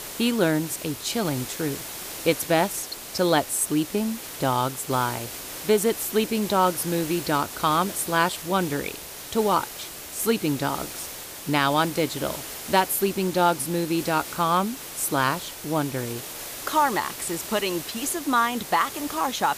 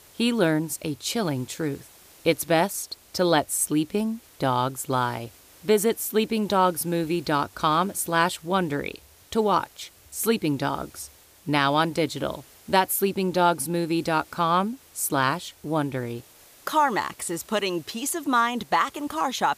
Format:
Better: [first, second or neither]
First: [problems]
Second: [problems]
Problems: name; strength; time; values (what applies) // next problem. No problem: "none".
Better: second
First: hiss; loud; throughout; 10 dB below the speech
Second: hiss; faint; throughout; 25 dB below the speech